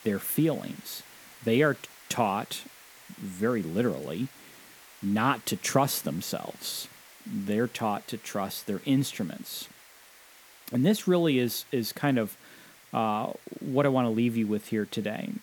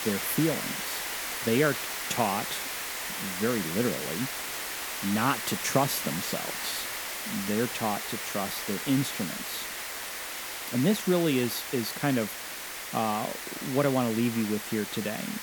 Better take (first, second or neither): first